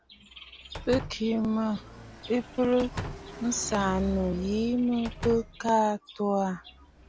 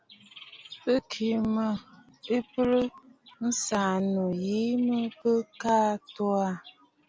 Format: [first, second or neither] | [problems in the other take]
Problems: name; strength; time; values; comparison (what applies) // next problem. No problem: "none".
second | background sound (Slam + Car passing by); 12 dB below the speech